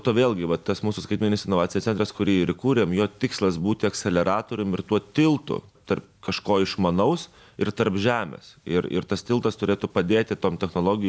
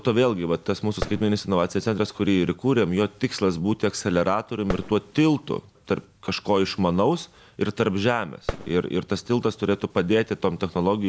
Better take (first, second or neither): first